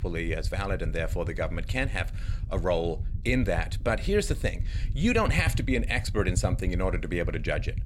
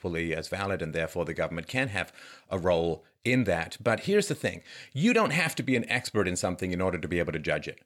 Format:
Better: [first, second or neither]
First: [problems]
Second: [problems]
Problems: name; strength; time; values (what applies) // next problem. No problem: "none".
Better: second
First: low rumble; noticeable; throughout; 20 dB below the speech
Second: none